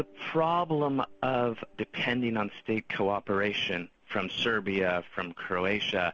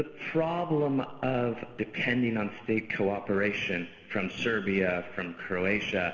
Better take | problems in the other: first | room echo; dies away in 1.7 s

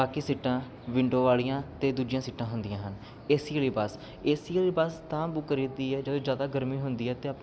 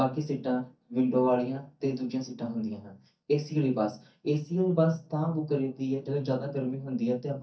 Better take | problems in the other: first | noise reduction (neural mask model DeepFilterNet 3)

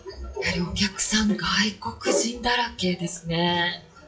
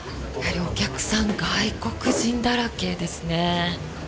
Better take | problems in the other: second | noise reduction (classical method WPE with log-MMSE)

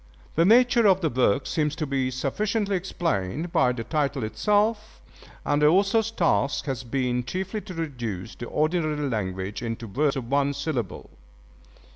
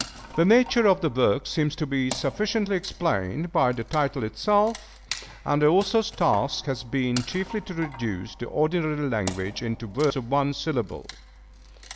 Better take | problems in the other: first | background sound (Wood); 17 dB below the speech

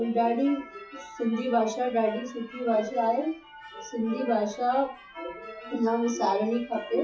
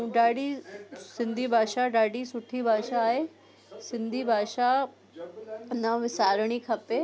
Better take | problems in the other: second | noise reduction (classical method WPE with log-MMSE)

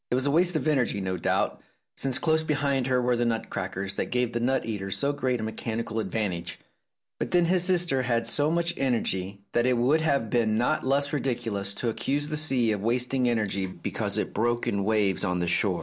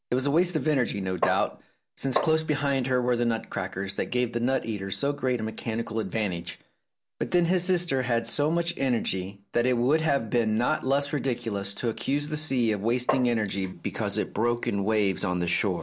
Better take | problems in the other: first | background sound (Tap); 4 dB below the speech

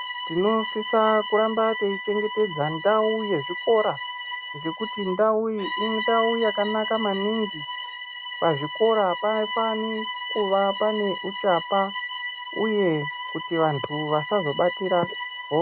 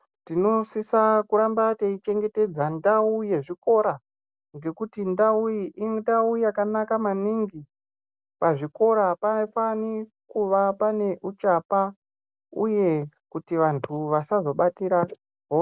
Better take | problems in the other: second | background sound (Bowed string instrument); 8 dB below the speech

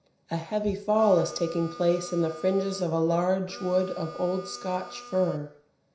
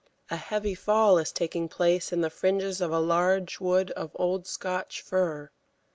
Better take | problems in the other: second | background sound (Harmonica); 17 dB below the speech // room echo; dies away in 0.5 s

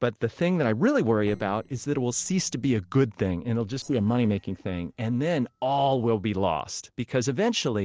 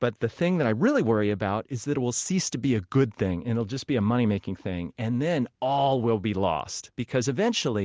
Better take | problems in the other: second | noise reduction (neural separator model SepFormer DNS4)

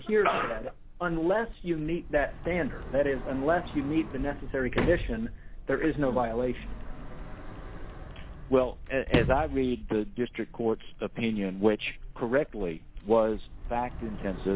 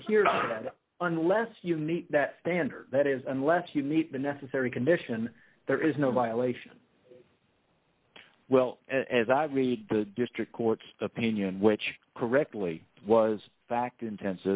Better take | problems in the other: second | background sound (Sliding door); 8 dB below the speech

